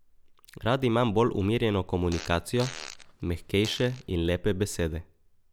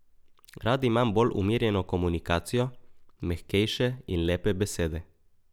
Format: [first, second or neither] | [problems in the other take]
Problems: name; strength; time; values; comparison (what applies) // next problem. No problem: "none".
second | background sound (Fart); 16 dB below the speech